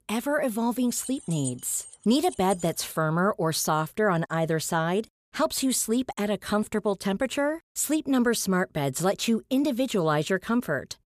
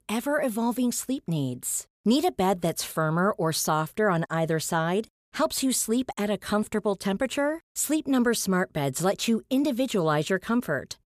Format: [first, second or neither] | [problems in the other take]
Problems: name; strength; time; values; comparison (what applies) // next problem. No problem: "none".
second | jangling keys; noticeable; from 1 to 3 s; peak 10 dB below the speech